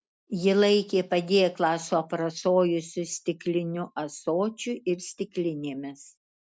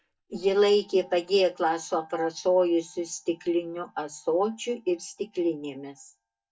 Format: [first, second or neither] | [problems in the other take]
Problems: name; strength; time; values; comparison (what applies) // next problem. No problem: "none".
first | noise reduction (neural mask model DeepFilterNet 3)